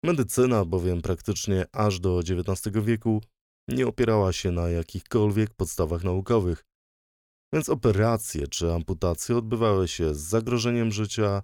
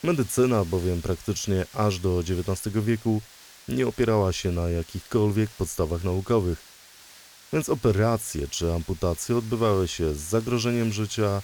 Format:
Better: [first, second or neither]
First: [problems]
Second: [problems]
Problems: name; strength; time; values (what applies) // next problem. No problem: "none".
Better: first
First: none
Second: hiss; noticeable; throughout; 20 dB below the speech